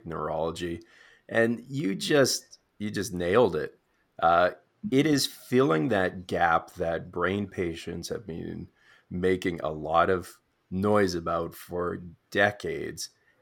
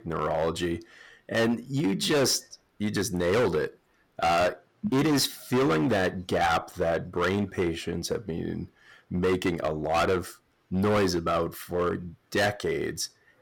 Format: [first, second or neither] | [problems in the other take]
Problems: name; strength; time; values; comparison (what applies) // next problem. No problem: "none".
first | distortion; heavy; 11% of the sound clipped